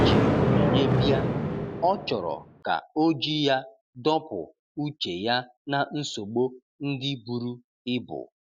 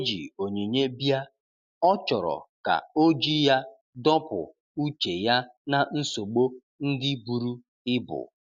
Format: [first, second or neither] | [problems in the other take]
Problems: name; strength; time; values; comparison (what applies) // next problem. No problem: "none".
second | background sound (Thunder); as loud as the speech